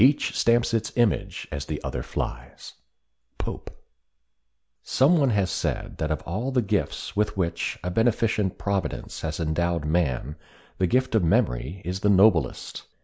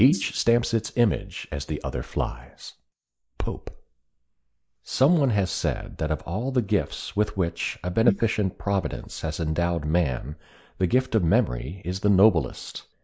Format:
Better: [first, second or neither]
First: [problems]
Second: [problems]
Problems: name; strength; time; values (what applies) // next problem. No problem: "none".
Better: first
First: none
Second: noise reduction (neural mask model Resemble Enhance denoiser)